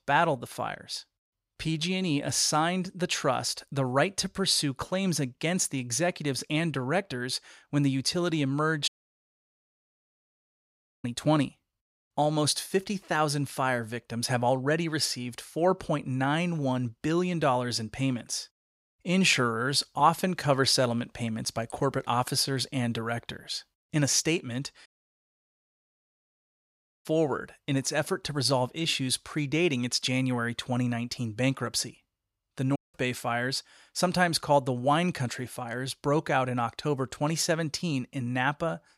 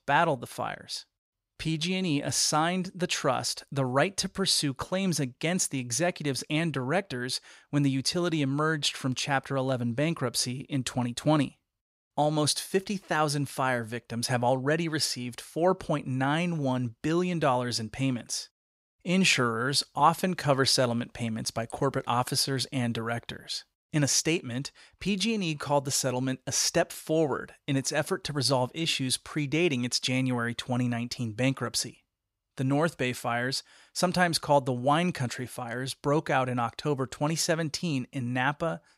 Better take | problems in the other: second | audio cutting out; at 9 s for 2 s, at 25 s for 2 s and at 33 s

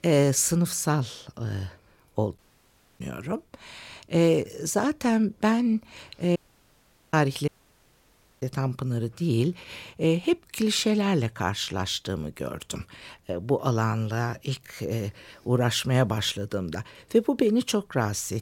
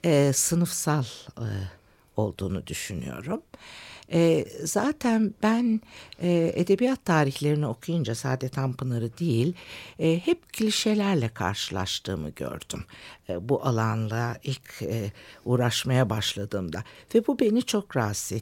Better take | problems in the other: second | audio cutting out; at 2.5 s for 0.5 s, at 6.5 s for 1 s and at 7.5 s for 1 s

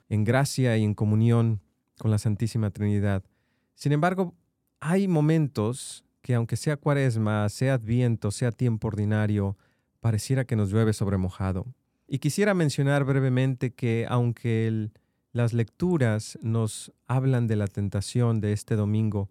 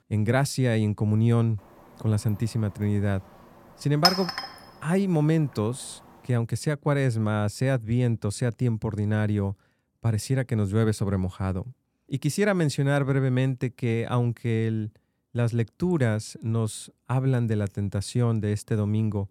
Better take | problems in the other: first | clattering dishes; loud; at 4 s; peak 4 dB above the speech

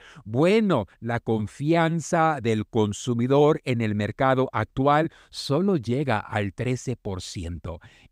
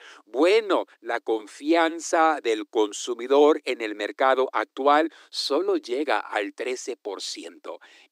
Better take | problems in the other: first | thin; somewhat; fading below 300 Hz

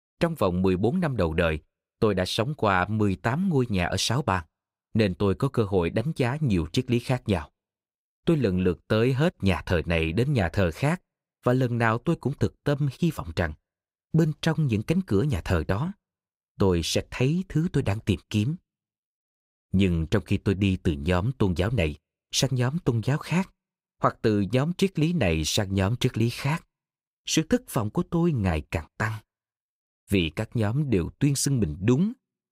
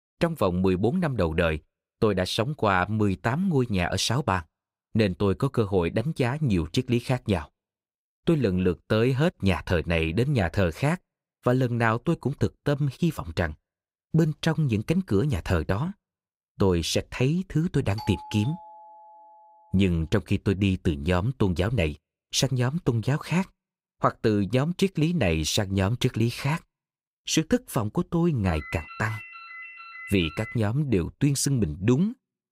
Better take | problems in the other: first | doorbell; faint; from 18 to 20 s; peak 15 dB below the speech // phone ringing; faint; from 28 to 31 s; peak 15 dB below the speech

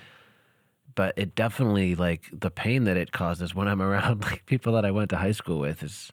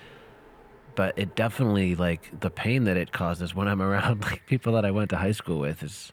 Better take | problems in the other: first | train or aircraft noise; faint; throughout; 25 dB below the speech

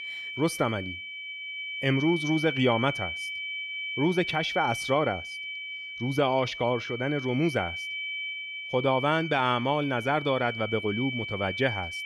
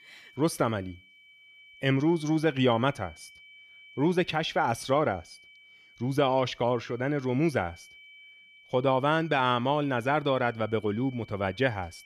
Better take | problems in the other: second | high-pitched whine; loud; throughout; 2.5 kHz, 6 dB below the speech; faint in the second

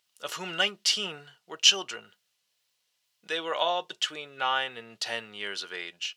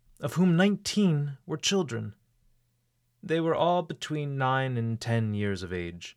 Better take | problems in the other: second | thin; very; fading below 700 Hz

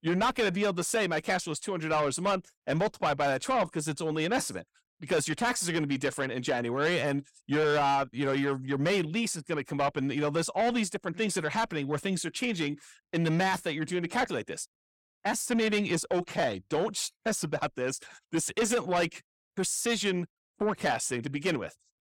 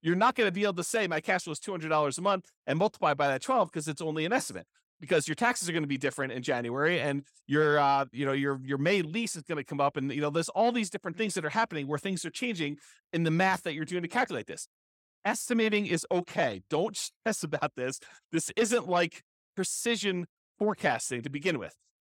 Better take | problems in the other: second | distortion; slight; 10 dB below the speech

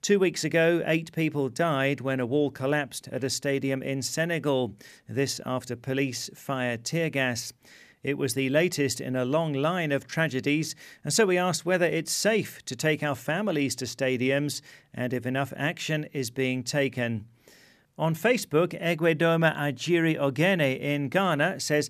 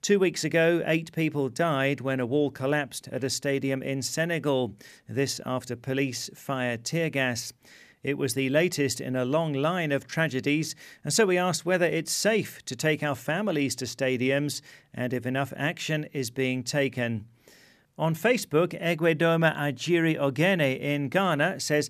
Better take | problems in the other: neither | none

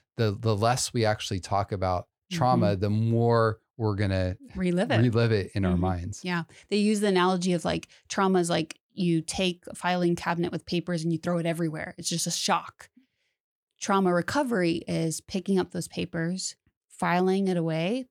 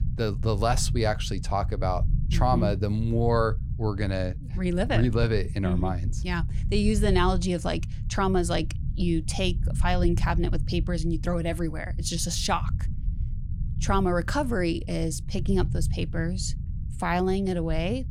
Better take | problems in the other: first | low rumble; noticeable; throughout; 15 dB below the speech

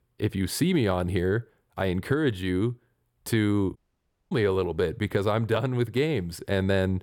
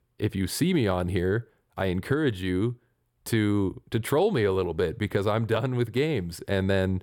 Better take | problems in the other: second | audio cutting out; at 4 s for 0.5 s

